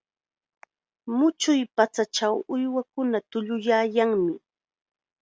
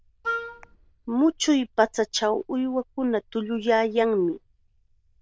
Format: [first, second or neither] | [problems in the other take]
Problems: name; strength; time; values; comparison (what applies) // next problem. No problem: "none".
first | noise reduction (neural diffusion model UNIVERSE++)